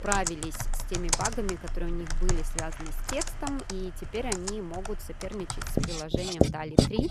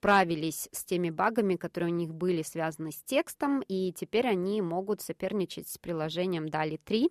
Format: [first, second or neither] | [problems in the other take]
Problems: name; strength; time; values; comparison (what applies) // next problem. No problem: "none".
second | household noises; very loud; throughout; 5 dB above the speech